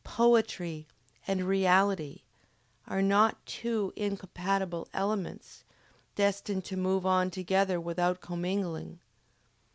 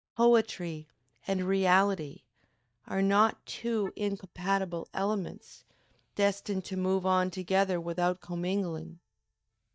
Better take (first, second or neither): first